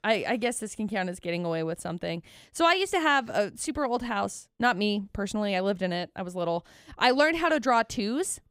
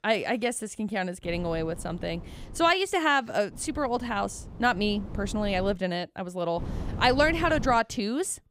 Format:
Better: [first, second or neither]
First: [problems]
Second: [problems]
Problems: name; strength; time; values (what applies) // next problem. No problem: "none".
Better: first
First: none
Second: wind noise on the microphone; occasional gusts; from 1.5 to 2.5 s, from 3.5 to 5.5 s and from 6.5 to 8 s; 20 dB below the speech